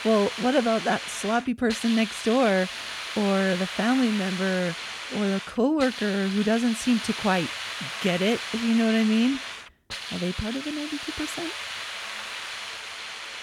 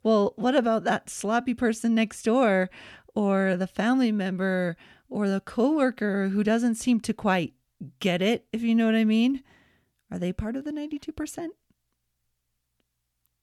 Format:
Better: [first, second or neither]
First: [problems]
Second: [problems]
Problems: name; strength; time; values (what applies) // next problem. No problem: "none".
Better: second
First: hiss; loud; throughout; 7 dB below the speech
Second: none